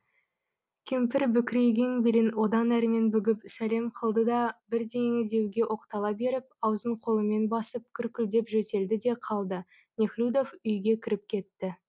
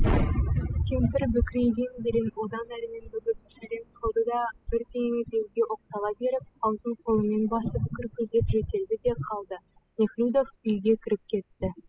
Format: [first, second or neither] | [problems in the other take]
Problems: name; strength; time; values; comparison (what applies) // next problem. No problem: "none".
first | noise reduction (classical method spectral subtraction)